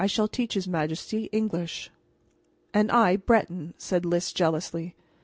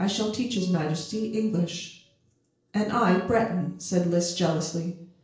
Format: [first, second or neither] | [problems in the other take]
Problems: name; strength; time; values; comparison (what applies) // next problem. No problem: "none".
first | noise reduction (neural separator model SepFormer DNS4)